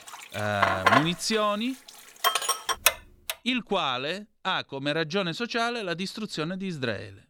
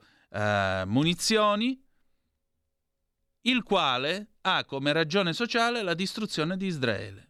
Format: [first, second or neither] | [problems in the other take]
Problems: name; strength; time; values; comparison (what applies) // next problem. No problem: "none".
second | household noises; very loud; until 3 s; 4 dB above the speech